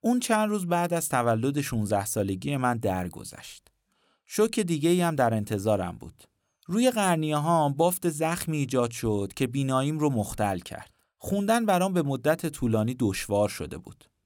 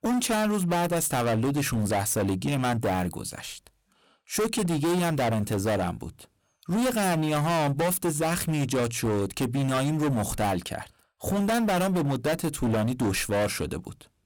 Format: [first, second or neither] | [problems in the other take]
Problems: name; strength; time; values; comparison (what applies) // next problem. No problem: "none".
first | distortion; heavy; 25% of the sound clipped